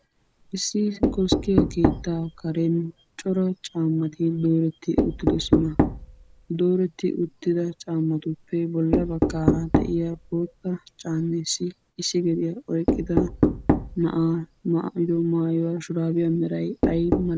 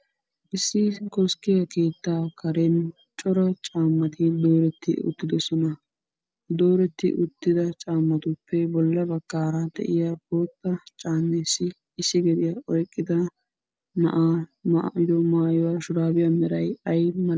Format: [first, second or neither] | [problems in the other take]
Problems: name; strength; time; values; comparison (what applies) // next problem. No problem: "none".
second | background sound (Knock); 3 dB below the speech